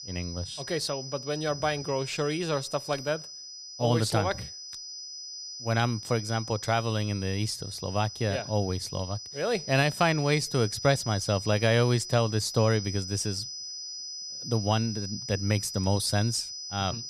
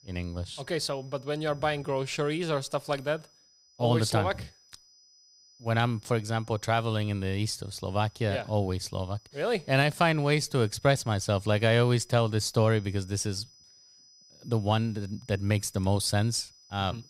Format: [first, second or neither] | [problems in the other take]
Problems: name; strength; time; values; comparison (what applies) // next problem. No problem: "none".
second | high-pitched whine; loud; throughout; 5 kHz, 9 dB below the speech; faint in the second